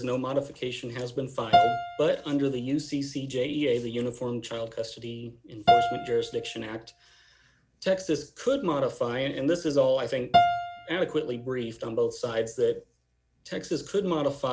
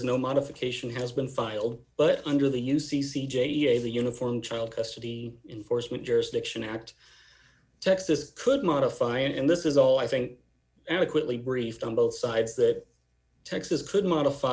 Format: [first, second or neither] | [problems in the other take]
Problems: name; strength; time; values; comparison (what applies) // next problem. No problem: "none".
second | background sound (Piano); 1 dB below the speech